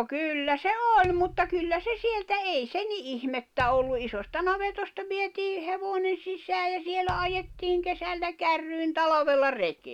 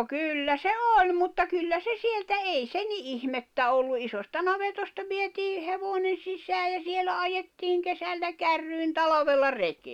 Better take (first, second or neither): second